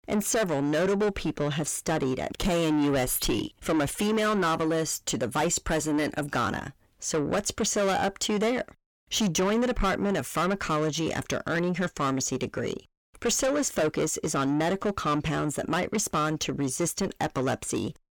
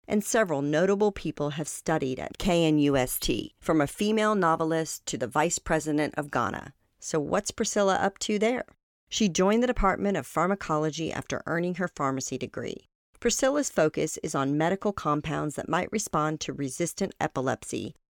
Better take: second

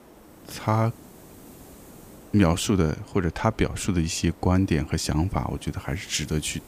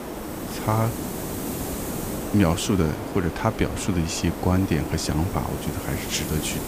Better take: first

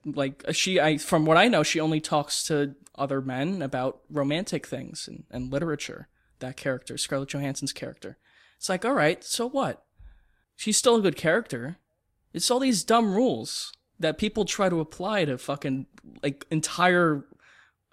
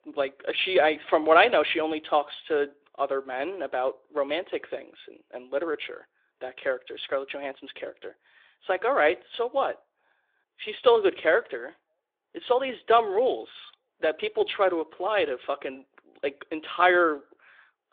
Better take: first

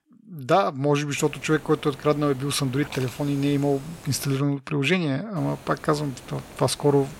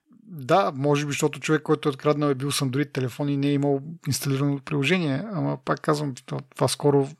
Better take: second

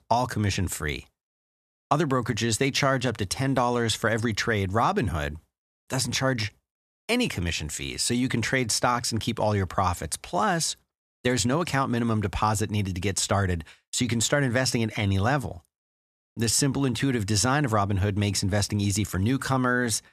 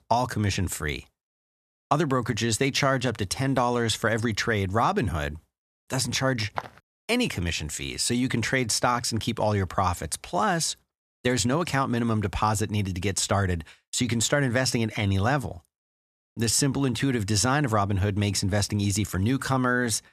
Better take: first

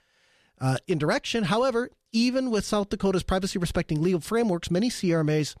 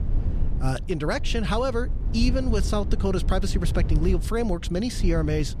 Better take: first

